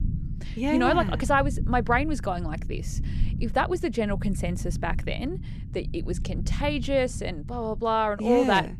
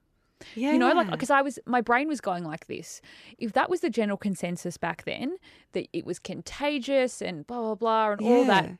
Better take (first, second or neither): second